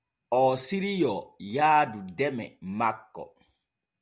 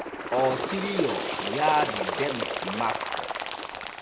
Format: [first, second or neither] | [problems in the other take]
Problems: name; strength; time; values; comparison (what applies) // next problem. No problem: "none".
first | background sound (Bird); 1 dB below the speech